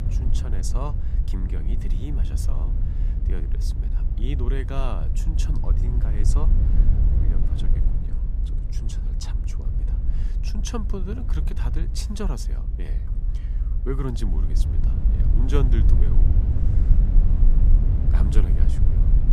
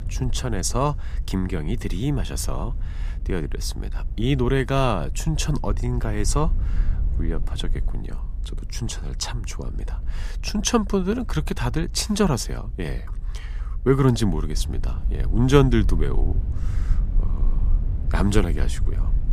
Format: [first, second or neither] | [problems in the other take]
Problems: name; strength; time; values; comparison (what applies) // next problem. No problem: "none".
second | low rumble; loud; throughout; 3 dB below the speech; faint in the second